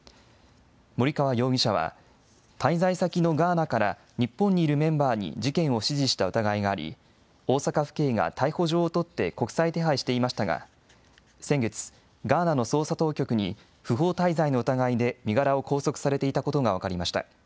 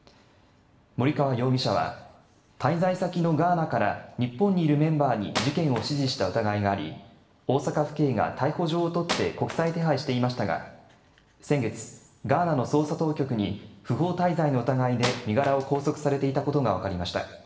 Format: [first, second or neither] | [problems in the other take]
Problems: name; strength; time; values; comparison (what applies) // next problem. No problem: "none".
first | background sound (Wood); 11 dB below the speech // room echo; dies away in 0.8 s